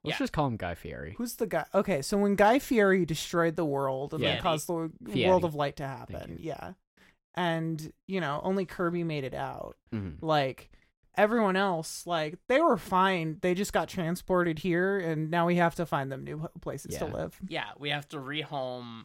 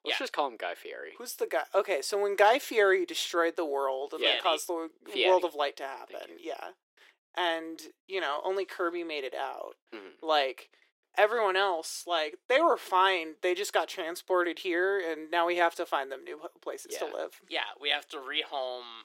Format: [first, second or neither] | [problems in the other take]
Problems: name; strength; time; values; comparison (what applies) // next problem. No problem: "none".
first | thin; very; fading below 350 Hz